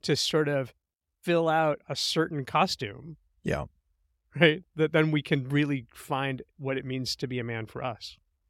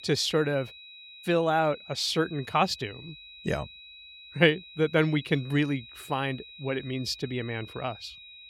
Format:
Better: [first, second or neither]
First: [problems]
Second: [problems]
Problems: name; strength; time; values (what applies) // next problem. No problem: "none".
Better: first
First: none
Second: high-pitched whine; noticeable; throughout; 4 kHz, 15 dB below the speech